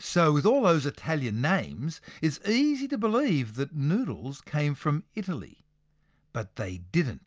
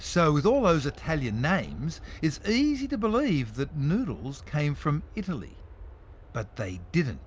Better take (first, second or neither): first